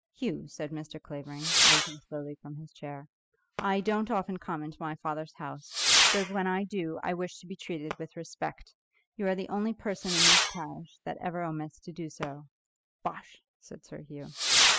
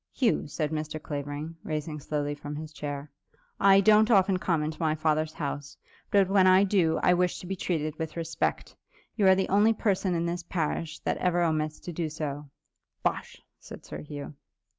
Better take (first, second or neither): second